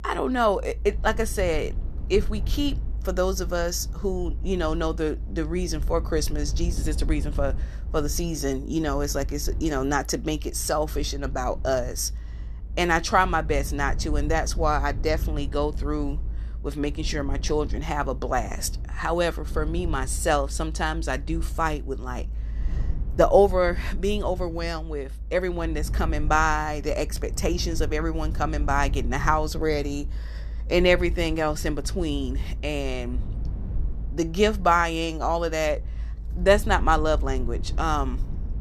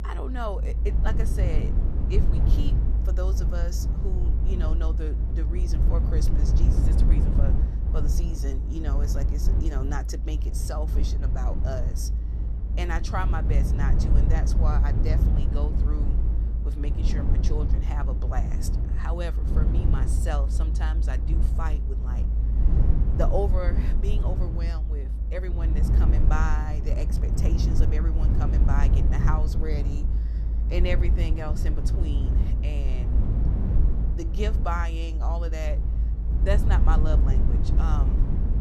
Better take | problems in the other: first | low rumble; loud; throughout; 4 dB below the speech; faint in the first

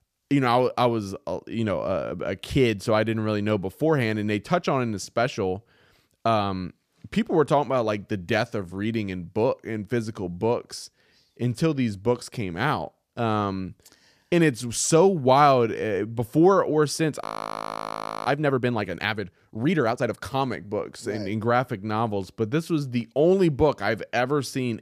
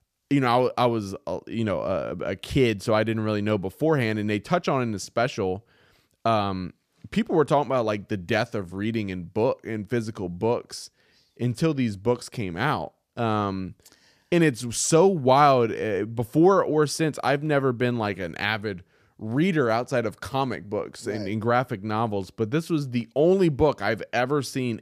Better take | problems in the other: second | audio freezing; at 17 s for 1 s

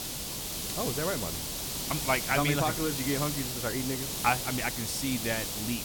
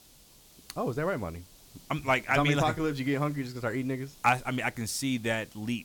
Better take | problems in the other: second | hiss; loud; throughout; 1 dB below the speech; faint in the second

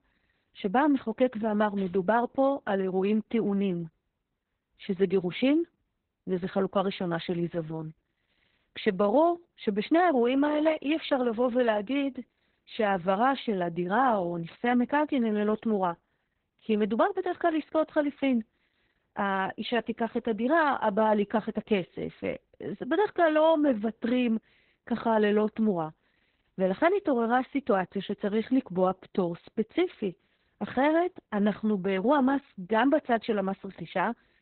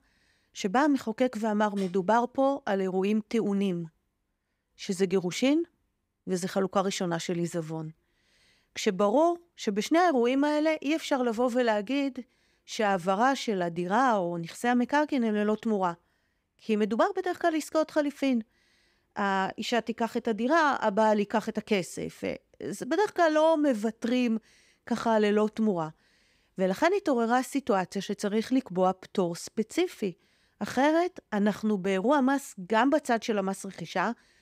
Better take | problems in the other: second | garbled, watery; badly; nothing above 4 kHz

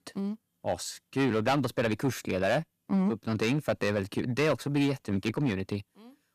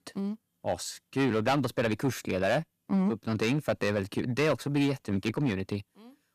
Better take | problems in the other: neither | distortion; slight; 5% of the sound clipped; the same in both

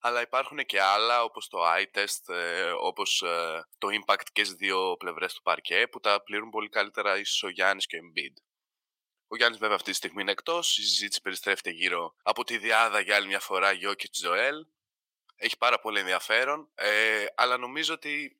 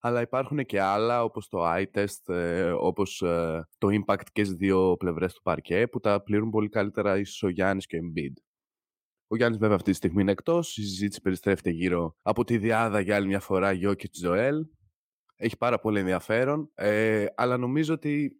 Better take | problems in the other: second | thin; very; fading below 900 Hz

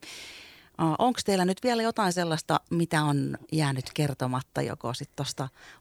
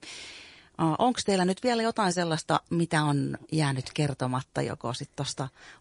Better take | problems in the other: first | garbled, watery; slightly; nothing above 10.5 kHz

